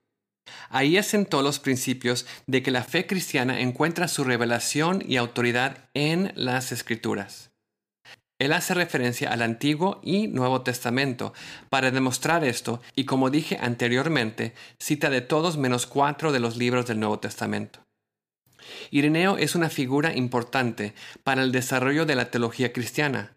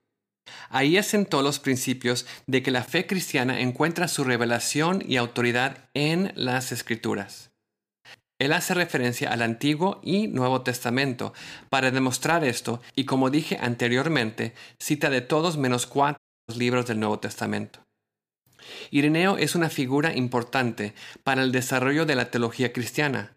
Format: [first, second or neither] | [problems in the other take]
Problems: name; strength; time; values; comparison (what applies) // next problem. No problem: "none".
first | audio cutting out; at 16 s